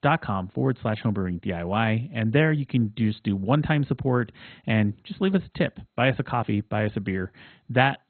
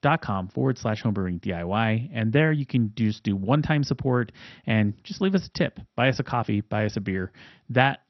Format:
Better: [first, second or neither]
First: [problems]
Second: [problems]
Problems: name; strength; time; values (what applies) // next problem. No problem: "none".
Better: second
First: garbled, watery; badly; nothing above 3.5 kHz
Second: garbled, watery; slightly; nothing above 6 kHz